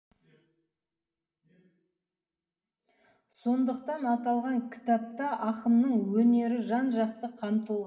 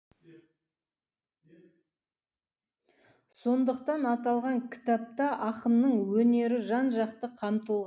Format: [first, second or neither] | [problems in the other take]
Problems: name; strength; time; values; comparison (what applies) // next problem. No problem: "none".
second | room echo; dies away in 2.3 s